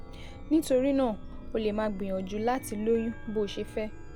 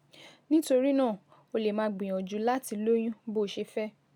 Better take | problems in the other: second | background sound (Chime); 11 dB below the speech

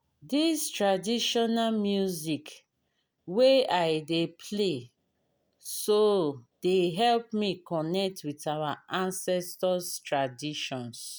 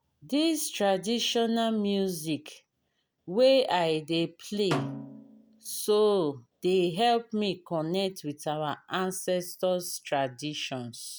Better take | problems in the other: first | background sound (Snare drum); 11 dB below the speech

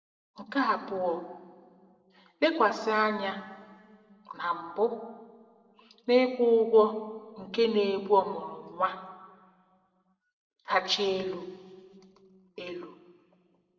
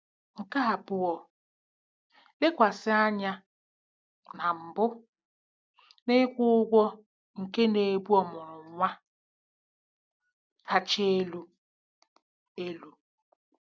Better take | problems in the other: second | room echo; dies away in 1.2 s

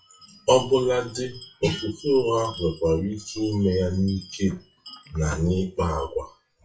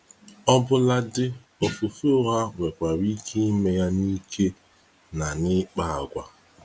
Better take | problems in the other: second | noise reduction (classical method WPE with log-MMSE)

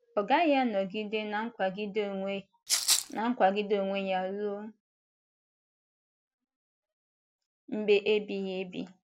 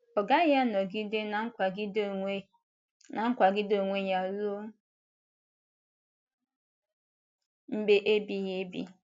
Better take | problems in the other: second | background sound (Rattle (instrument)); 3 dB above the speech

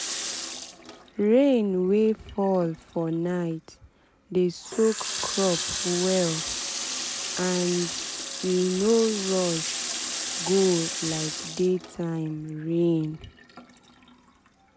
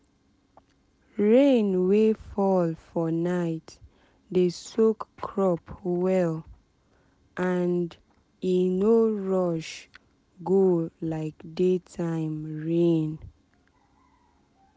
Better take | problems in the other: second | background sound (Water tap, faucet); 7 dB below the speech

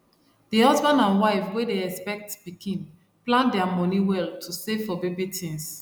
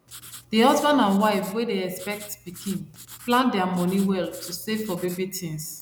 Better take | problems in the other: first | background sound (Writing); 19 dB below the speech

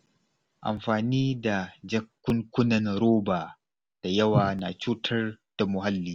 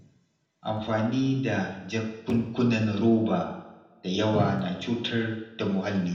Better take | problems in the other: first | room echo; dies away in 0.8 s

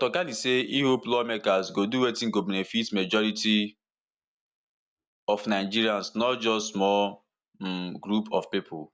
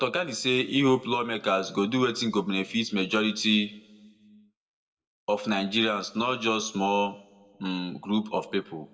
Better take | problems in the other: first | room echo; dies away in 0.7 s

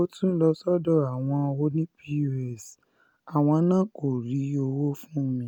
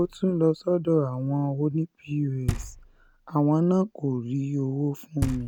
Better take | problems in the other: first | background sound (Knock); 12 dB below the speech

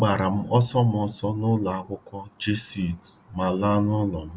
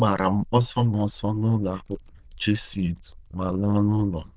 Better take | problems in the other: first | noise reduction (neural diffusion model UNIVERSE++)

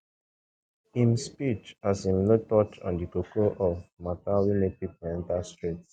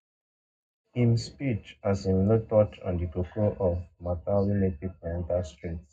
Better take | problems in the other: first | room echo; dies away in 0.3 s

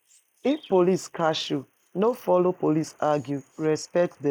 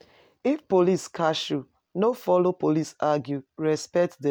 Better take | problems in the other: second | noise reduction (neural mask model Resemble Enhance denoiser)

